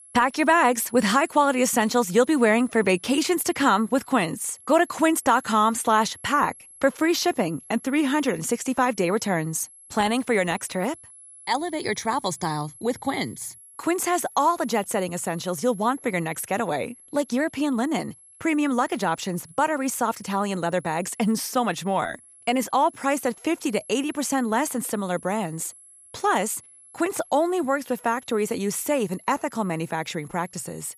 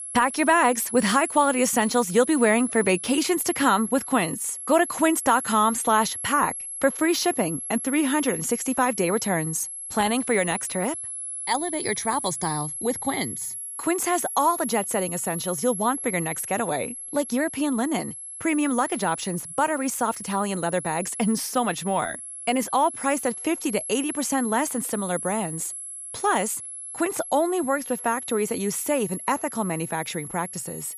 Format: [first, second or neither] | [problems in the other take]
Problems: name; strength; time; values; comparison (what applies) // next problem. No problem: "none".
first | high-pitched whine; loud; throughout; 11 kHz, 7 dB below the speech; faint in the first